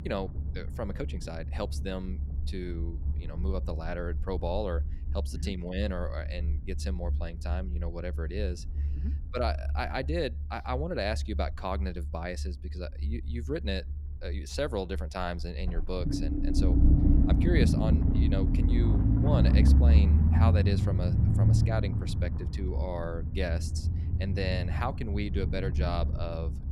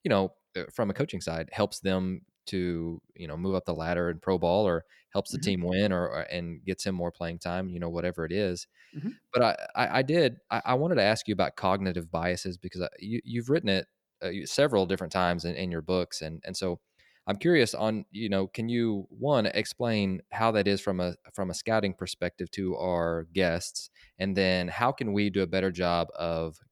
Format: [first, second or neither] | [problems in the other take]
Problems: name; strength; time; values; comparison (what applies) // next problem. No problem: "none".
second | low rumble; loud; throughout; 3 dB below the speech